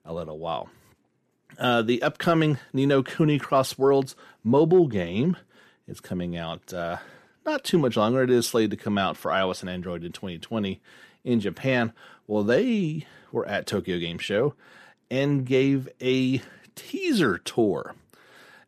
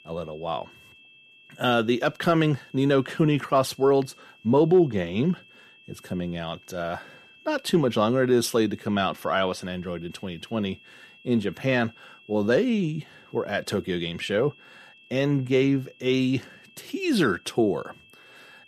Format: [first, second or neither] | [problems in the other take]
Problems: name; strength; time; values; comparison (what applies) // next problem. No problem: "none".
first | high-pitched whine; faint; throughout; 2.5 kHz, 25 dB below the speech